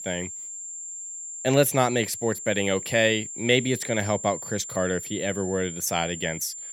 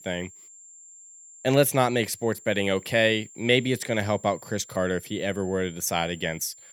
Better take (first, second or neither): second